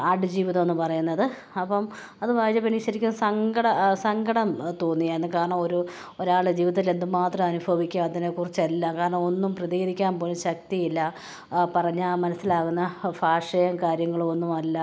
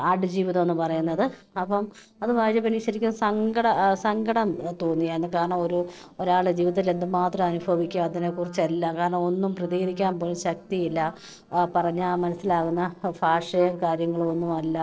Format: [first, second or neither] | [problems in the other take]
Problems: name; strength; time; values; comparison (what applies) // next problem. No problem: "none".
first | noise reduction (neural separator model SepFormer DNS4)